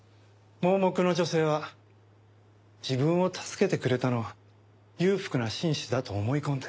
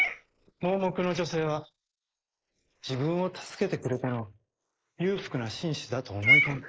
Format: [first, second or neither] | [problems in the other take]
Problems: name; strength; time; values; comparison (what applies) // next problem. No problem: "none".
first | noise reduction (neural mask model Resemble Enhance denoiser)